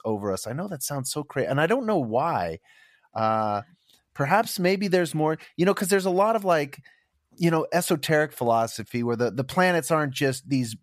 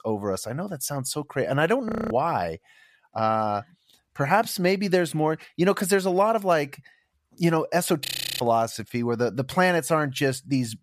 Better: first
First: none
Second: audio freezing; at 2 s and at 8 s

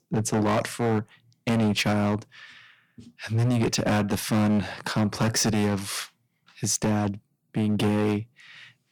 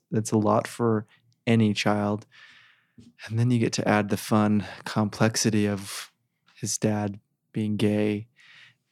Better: second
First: distortion; heavy; 13% of the sound clipped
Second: none

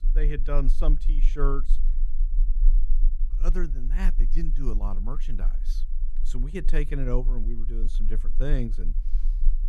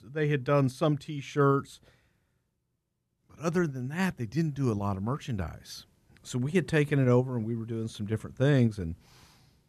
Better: second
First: low rumble; noticeable; throughout; 20 dB below the speech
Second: none

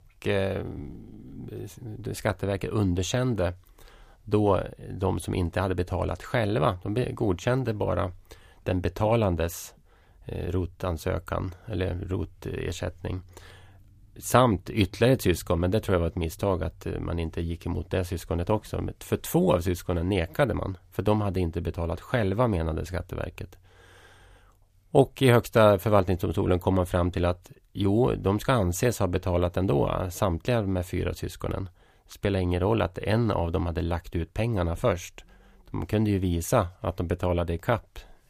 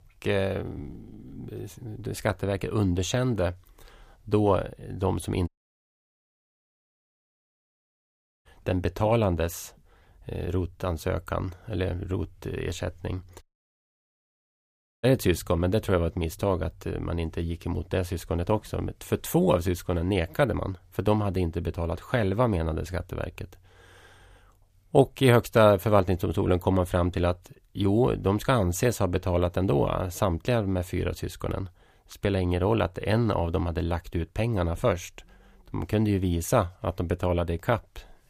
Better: first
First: none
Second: audio cutting out; at 5.5 s for 3 s and at 13 s for 1.5 s

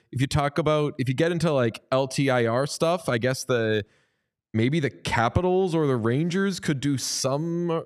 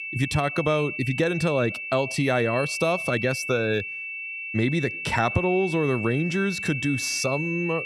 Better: first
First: none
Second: high-pitched whine; loud; throughout; 2.5 kHz, 5 dB below the speech

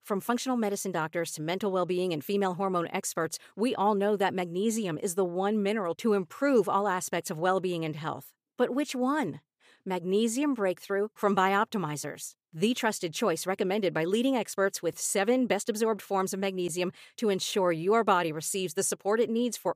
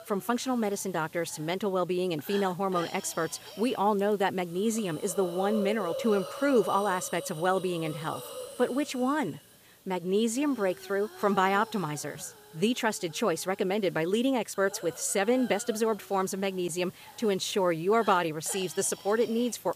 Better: first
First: none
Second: hiss; noticeable; throughout; 15 dB below the speech

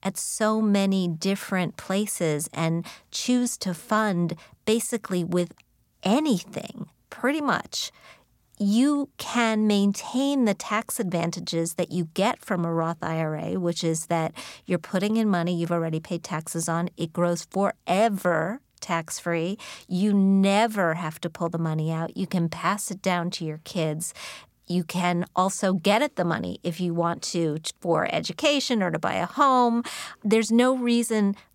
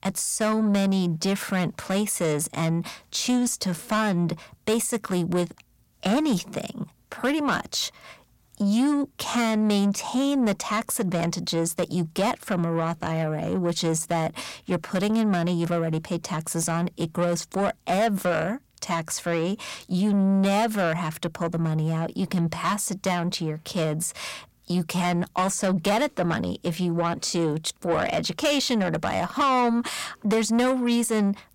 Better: first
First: none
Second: distortion; slight; 10 dB below the speech

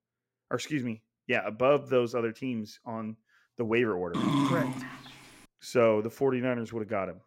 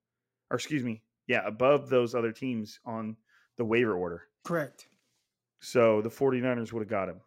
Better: second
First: dog barking; loud; at 4 s; peak 3 dB above the speech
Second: none

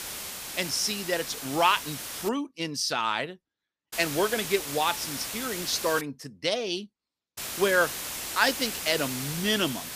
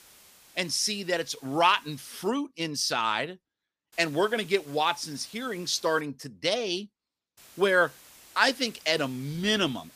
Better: second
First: hiss; loud; until 2.5 s, from 4 to 6 s and from 7.5 s on; 6 dB below the speech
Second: hiss; faint; until 2.5 s, from 4 to 6 s and from 7.5 s on; 25 dB below the speech

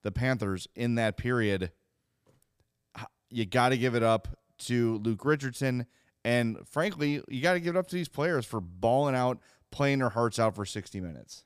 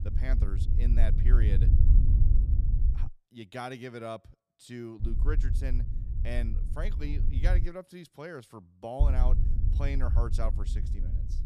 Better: first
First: none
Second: low rumble; loud; until 3 s, from 5 to 7.5 s and from 9 s on; 6 dB below the speech

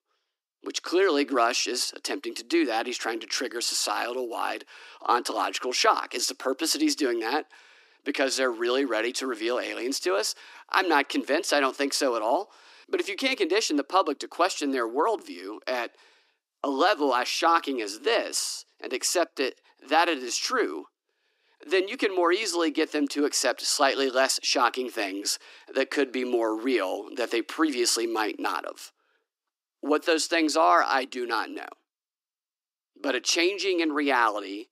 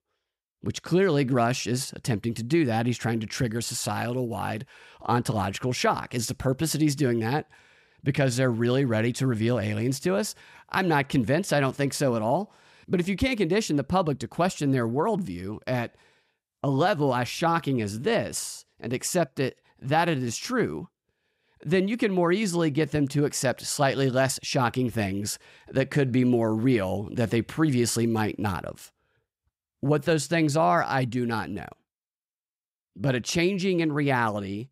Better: second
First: thin; somewhat; fading below 300 Hz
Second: none

